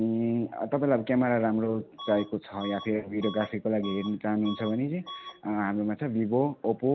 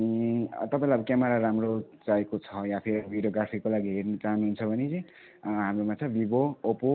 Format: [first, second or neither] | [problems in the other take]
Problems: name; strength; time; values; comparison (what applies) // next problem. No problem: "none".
second | background sound (Bus / Alarm); 16 dB below the speech